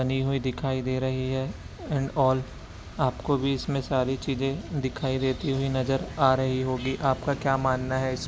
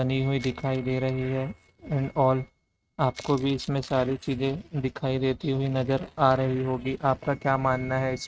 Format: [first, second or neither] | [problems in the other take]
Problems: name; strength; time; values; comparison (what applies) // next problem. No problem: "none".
first | noise reduction (neural mask model RNNoise)